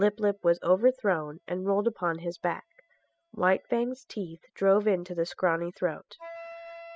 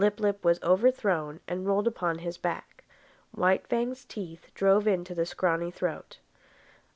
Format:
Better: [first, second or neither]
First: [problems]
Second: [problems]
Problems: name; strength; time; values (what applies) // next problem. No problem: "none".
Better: second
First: noise reduction (classical method spectral subtraction)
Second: none